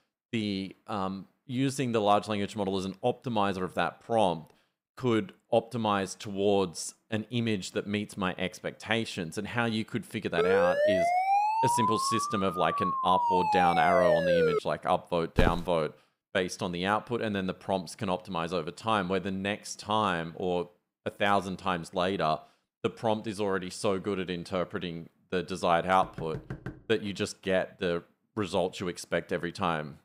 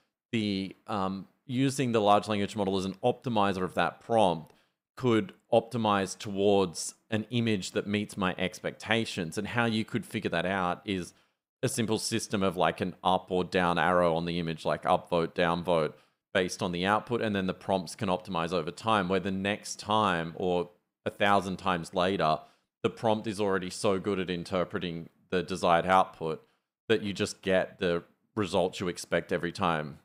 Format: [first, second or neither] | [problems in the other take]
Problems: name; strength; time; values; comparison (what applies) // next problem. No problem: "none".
second | siren; loud; from 10 to 15 s; peak 6 dB above the speech // footsteps; loud; at 15 s; peak level with the speech // door banging; faint; at 26 s; peak 10 dB below the speech